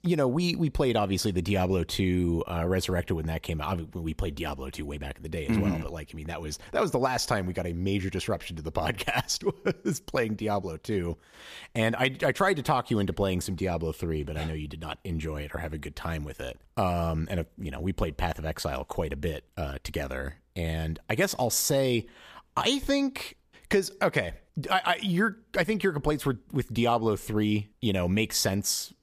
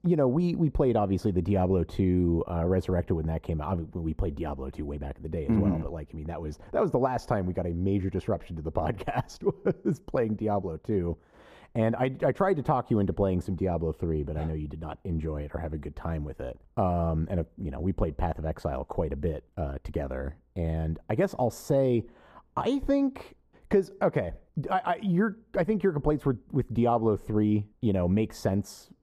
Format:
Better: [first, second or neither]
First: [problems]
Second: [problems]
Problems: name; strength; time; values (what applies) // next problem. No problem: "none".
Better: first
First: none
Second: muffled; very; fading above 1.5 kHz